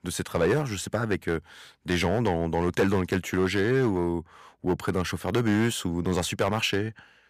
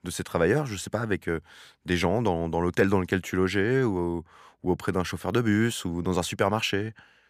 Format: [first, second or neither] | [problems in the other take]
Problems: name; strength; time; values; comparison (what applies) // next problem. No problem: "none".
second | distortion; slight; 5% of the sound clipped